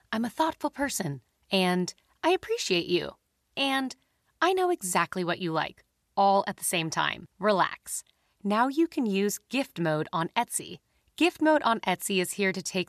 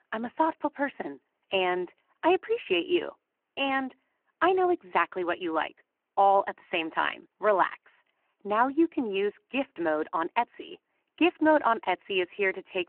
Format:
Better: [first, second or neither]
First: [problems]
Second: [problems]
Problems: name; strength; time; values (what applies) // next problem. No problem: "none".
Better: first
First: none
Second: phone-call audio